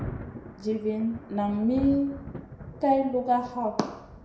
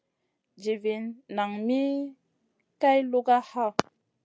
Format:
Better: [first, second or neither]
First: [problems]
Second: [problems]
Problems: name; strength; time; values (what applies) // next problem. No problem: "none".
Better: second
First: background sound (Thunder); 12 dB below the speech // room echo; dies away in 0.6 s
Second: none